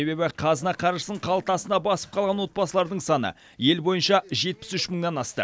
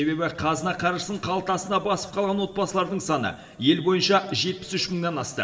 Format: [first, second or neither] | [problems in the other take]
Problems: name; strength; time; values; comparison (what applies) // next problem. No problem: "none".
first | room echo; dies away in 2.9 s